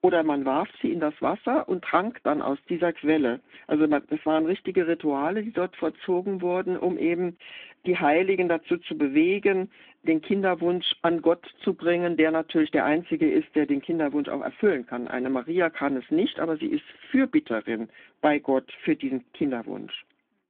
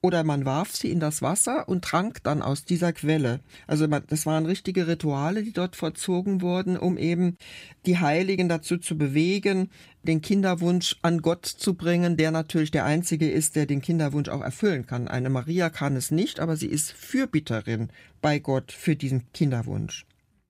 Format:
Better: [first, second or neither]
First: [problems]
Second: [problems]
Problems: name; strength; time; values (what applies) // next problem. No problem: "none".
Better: second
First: phone-call audio; nothing above 3.5 kHz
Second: none